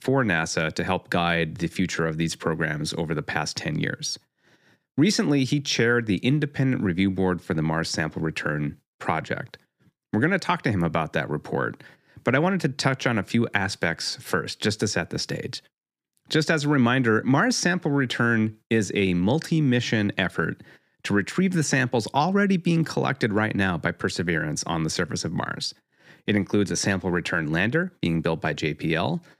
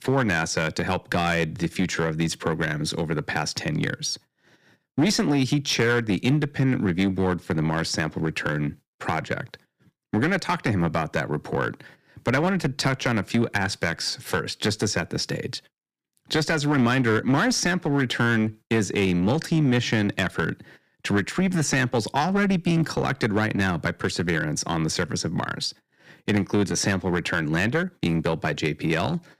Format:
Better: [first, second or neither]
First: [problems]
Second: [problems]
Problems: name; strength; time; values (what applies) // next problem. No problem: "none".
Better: first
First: none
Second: distortion; slight; 6% of the sound clipped